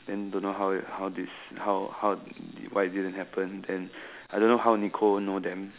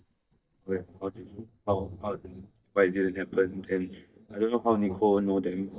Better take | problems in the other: first | noise reduction (neural mask model DeepFilterNet 3)

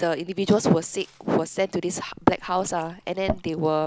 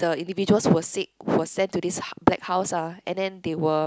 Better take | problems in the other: second | background sound (Liquid); 15 dB below the speech

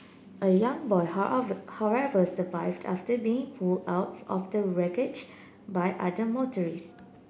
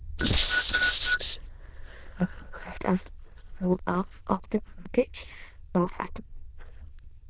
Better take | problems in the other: first | noise reduction (neural diffusion model UNIVERSE++)

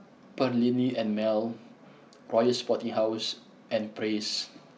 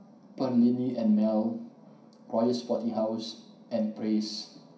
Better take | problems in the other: first | room echo; dies away in 0.5 s

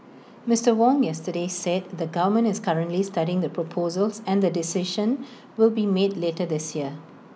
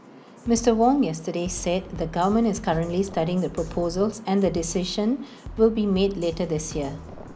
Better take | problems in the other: first | background sound (Drum kit); 16 dB below the speech

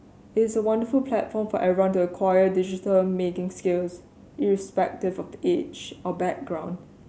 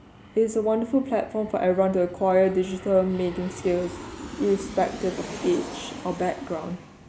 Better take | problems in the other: first | background sound (Aircraft); 15 dB below the speech

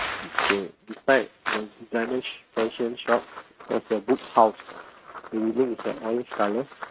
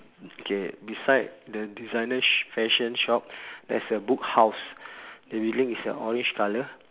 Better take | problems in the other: second | noise reduction (neural mask model RNNoise)

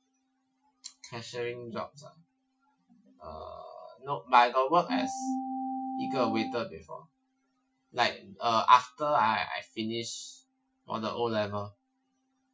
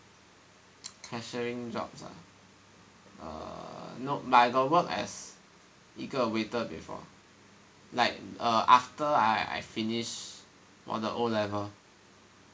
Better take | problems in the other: second | noise reduction (classical method Wiener filter)

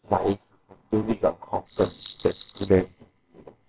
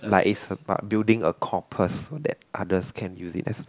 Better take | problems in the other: second | noise reduction (neural separator model SepFormer WHAMR!)

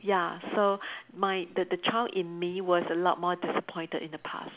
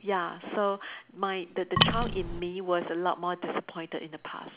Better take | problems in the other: first | background sound (Wood); 5 dB above the speech

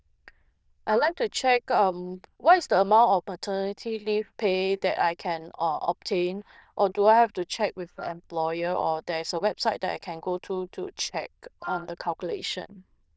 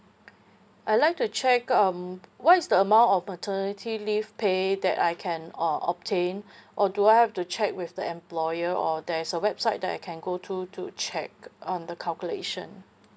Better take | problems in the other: second | noise reduction (neural diffusion model UNIVERSE++)

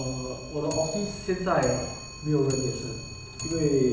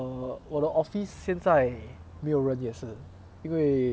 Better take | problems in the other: second | background sound (Clock); 10 dB below the speech // room echo; dies away in 0.9 s

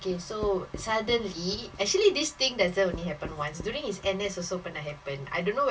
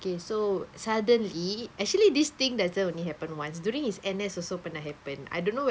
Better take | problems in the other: second | background sound (Writing); 15 dB below the speech // room echo; dies away in 0.1 s

